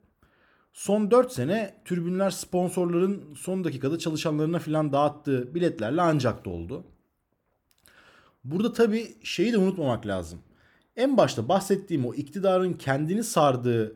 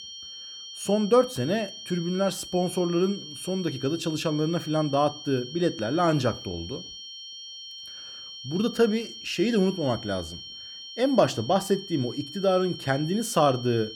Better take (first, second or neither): first